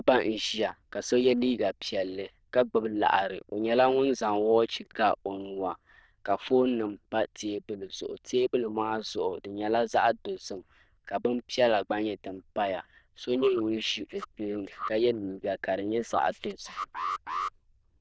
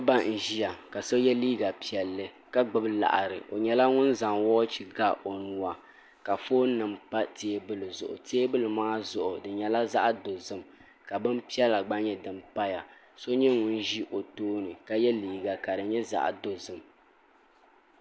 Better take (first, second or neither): second